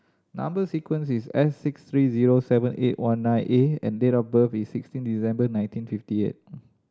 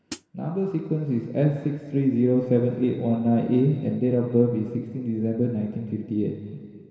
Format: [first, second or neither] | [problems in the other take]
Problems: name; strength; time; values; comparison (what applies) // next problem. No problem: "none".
first | background sound (Hi-hat); 15 dB below the speech // room echo; dies away in 2.2 s